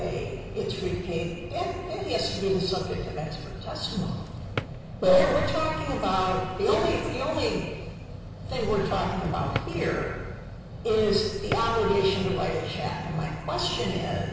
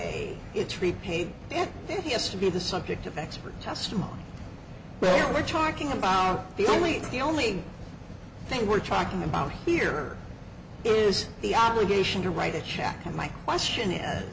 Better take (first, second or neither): second